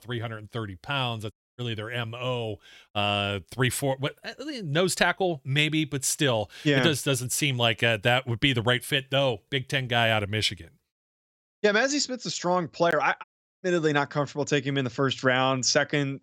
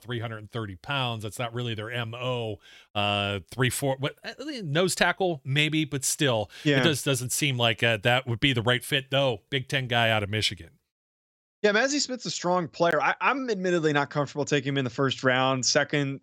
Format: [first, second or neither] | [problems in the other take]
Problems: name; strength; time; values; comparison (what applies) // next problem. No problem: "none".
second | audio cutting out; at 1.5 s and at 13 s